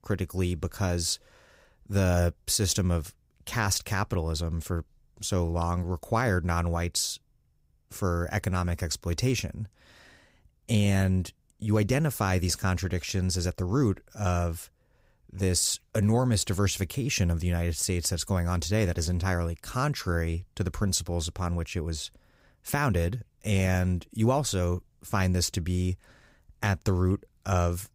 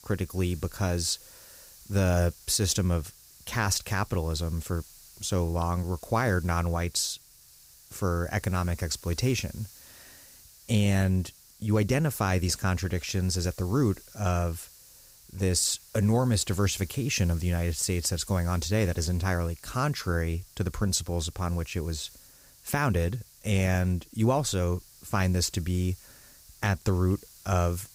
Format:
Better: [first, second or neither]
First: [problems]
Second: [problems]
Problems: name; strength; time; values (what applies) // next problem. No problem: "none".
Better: first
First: none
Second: hiss; faint; throughout; 20 dB below the speech